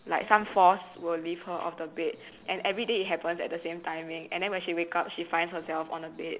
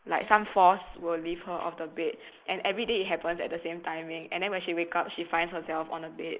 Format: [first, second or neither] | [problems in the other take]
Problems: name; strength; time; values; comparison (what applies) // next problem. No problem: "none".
first | noise reduction (neural mask model Resemble Enhance denoiser)